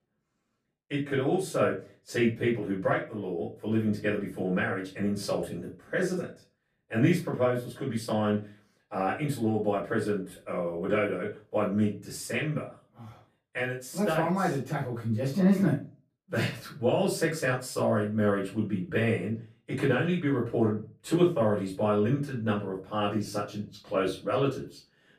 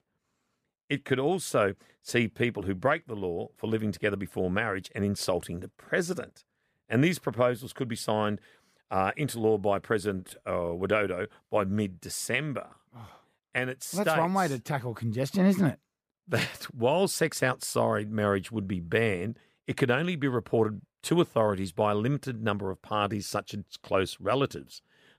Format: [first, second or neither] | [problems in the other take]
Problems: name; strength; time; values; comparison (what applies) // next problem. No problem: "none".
second | off-mic speech; far // room echo; slight; dies away in 0.3 s